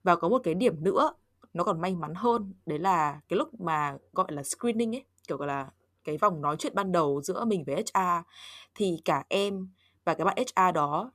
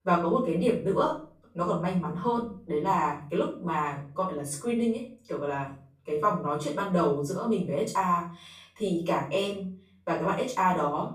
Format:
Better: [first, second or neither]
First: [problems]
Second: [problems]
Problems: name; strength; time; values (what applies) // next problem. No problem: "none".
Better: first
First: none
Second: room echo; noticeable; dies away in 0.4 s // off-mic speech; far